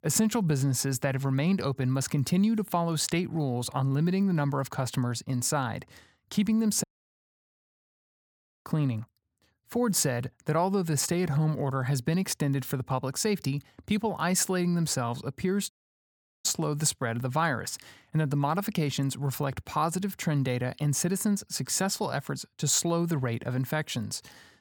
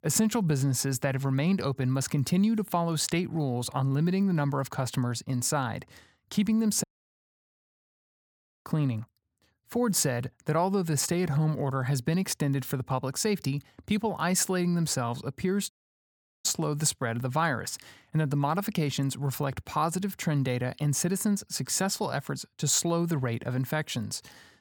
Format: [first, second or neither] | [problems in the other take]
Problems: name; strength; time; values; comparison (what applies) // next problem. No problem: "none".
neither | audio cutting out; at 7 s for 2 s and at 16 s for 0.5 s; the same in both